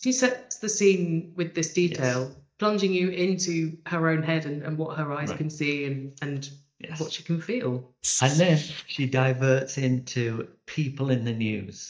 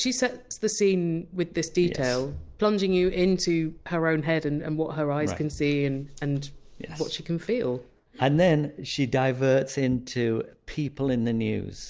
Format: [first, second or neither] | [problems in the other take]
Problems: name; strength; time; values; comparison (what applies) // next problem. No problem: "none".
second | noise reduction (neural mask model DeepFilterNet 3)